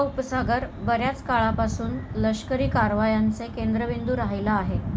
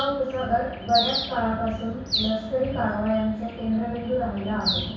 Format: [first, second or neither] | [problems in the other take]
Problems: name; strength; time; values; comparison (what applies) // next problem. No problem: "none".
first | background sound (Bird); 7 dB below the speech // room echo; dies away in 0.7 s